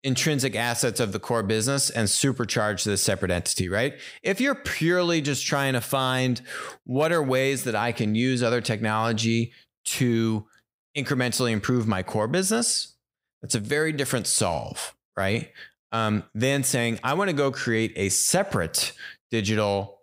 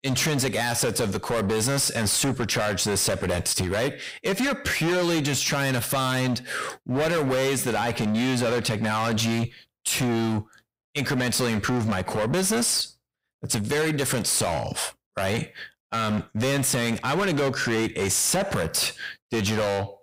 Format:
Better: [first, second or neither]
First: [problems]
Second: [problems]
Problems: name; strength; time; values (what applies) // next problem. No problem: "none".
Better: first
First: none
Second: distortion; heavy; 25% of the sound clipped